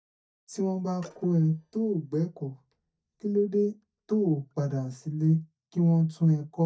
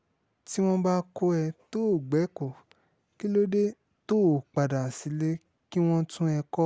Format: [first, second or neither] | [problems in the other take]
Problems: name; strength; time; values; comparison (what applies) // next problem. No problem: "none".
second | noise reduction (neural mask model DeepFilterNet 3)